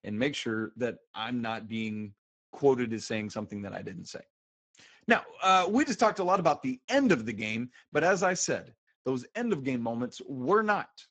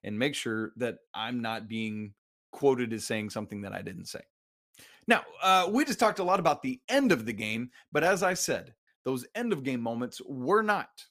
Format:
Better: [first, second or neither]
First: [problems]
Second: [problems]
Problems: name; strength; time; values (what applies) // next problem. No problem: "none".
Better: second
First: garbled, watery; badly; nothing above 7.5 kHz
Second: none